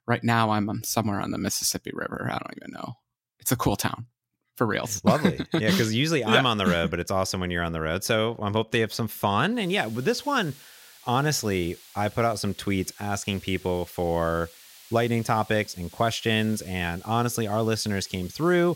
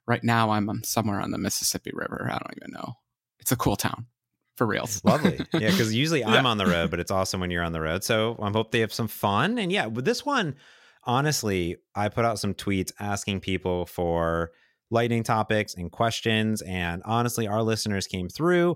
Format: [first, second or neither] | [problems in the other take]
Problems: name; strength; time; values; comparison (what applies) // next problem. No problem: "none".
second | hiss; faint; from 9.5 s on; 20 dB below the speech